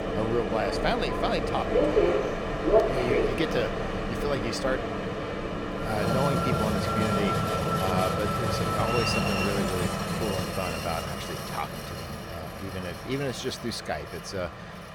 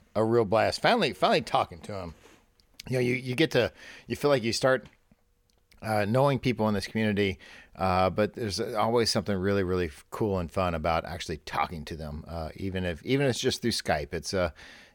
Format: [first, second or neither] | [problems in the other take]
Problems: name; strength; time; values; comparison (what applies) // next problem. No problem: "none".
second | train or aircraft noise; very loud; throughout; 4 dB above the speech